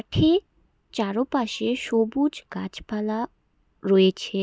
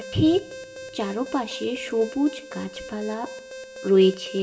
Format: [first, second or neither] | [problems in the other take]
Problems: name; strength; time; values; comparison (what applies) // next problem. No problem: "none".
first | background sound (Alarm); 14 dB below the speech // room echo; dies away in 0.9 s